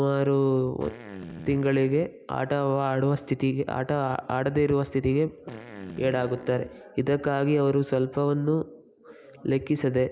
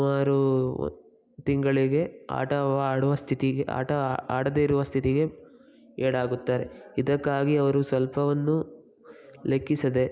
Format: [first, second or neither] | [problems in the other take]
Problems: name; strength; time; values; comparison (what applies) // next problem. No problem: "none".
second | background sound (Fart); 16 dB below the speech